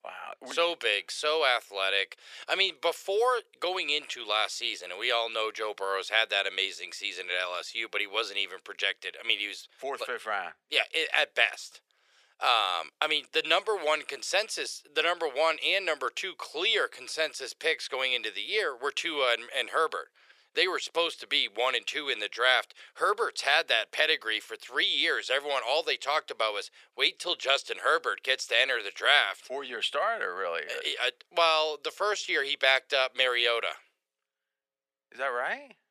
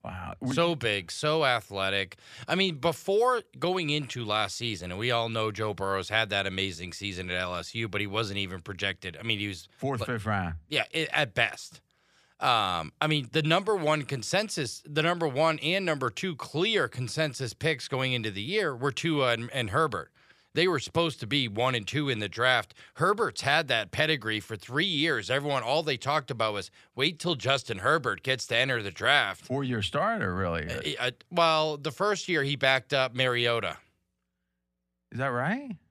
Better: second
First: thin; very; fading below 450 Hz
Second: none

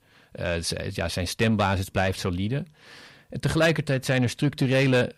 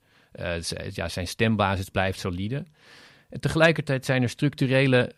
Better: second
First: distortion; slight; 10 dB below the speech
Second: none

